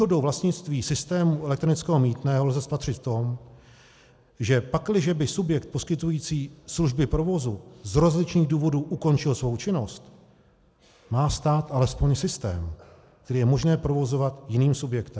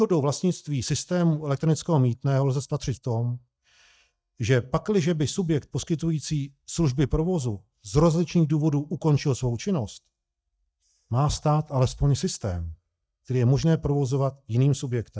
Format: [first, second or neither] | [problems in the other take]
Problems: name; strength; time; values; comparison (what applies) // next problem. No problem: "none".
first | noise reduction (neural mask model DeepFilterNet 3)